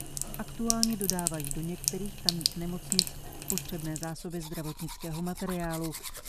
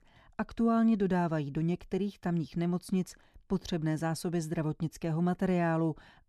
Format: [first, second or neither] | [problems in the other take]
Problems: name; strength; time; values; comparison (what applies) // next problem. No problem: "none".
second | household noises; very loud; throughout; 5 dB above the speech